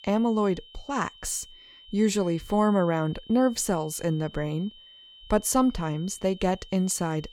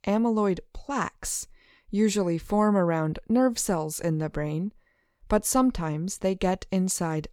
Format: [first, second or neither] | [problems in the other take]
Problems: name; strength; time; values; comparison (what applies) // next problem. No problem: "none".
second | high-pitched whine; faint; throughout; 3 kHz, 20 dB below the speech